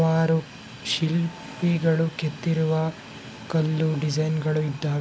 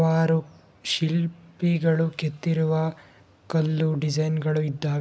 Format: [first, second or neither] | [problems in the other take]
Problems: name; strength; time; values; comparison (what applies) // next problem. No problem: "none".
second | background sound (Train); 17 dB below the speech